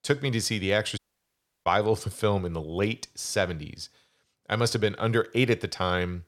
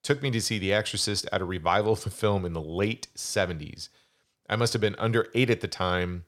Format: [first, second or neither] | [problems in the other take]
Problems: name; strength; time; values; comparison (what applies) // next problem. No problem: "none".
second | audio cutting out; at 1 s for 0.5 s